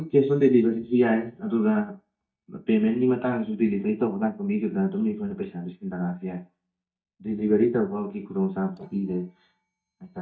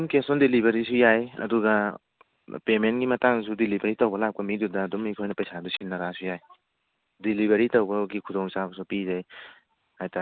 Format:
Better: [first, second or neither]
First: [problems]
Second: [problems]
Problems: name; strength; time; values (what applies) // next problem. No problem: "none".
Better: second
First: noise reduction (neural mask model DeepFilterNet 3)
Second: none